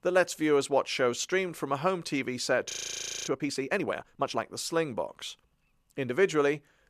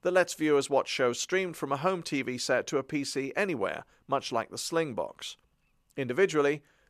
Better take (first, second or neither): second